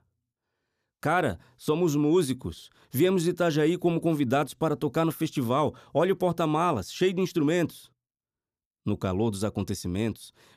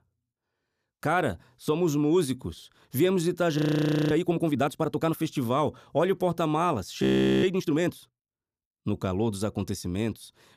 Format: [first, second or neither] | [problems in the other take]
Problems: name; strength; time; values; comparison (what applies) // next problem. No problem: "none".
first | audio freezing; at 3.5 s for 0.5 s and at 7 s